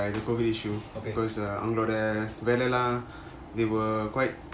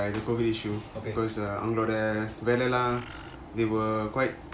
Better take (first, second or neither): first